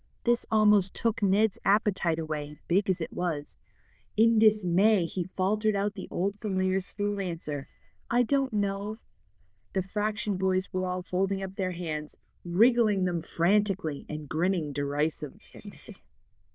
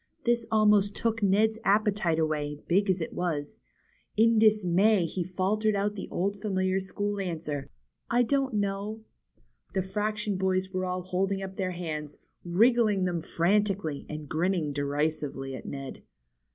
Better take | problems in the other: second | noise reduction (neural diffusion model UNIVERSE++)

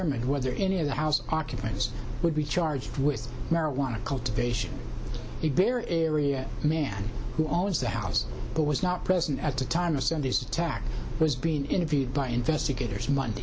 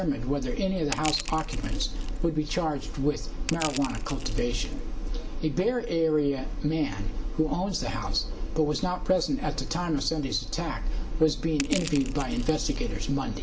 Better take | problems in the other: first | background sound (Crushing); 12 dB below the speech // room echo; dies away in 0.5 s

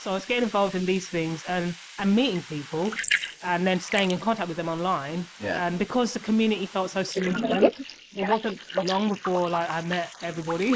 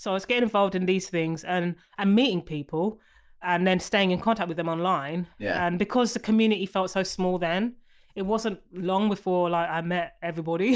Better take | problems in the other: second | noise reduction (neural mask model Resemble Enhance denoiser)

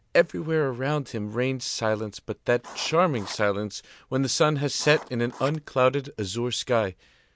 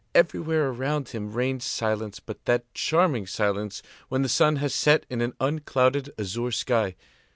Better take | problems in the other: second | background sound (Writing); 18 dB below the speech

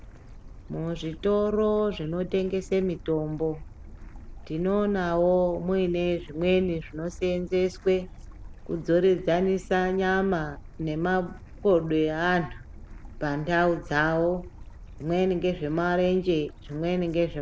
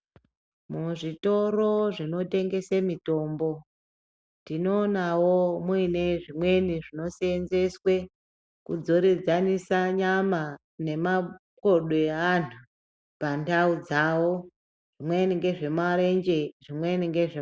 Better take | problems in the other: second | background sound (Stream / Bird); 16 dB below the speech

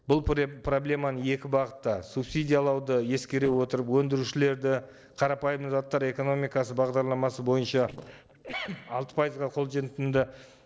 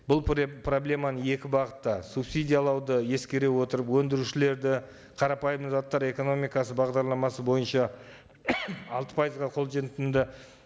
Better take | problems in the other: second | noise reduction (neural separator model SepFormer DNS4)

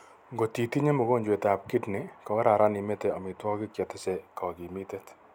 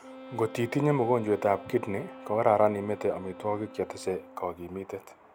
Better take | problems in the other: first | background sound (Wind instrument, woodwind instrument); 18 dB below the speech

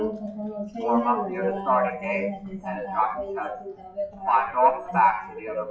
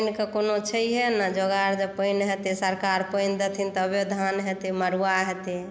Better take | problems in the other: second | noise reduction (classical method WPE with log-MMSE)

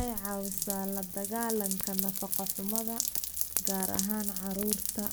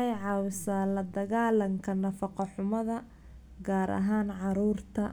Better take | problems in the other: second | background sound (Rain); 2 dB above the speech

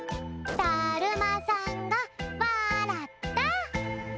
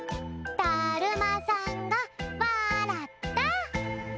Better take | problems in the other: second | background sound (Gunshot, gunfire); 16 dB below the speech

